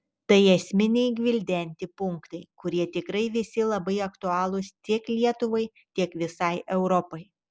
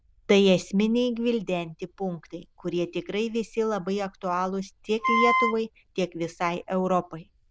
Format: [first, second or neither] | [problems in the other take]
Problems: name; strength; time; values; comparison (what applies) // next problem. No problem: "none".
first | noise reduction (neural diffusion model UNIVERSE++)